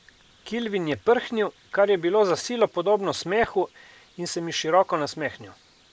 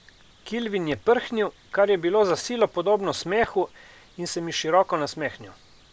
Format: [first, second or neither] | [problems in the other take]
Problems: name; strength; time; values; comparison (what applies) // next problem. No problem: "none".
second | noise reduction (neural mask model Resemble Enhance denoiser)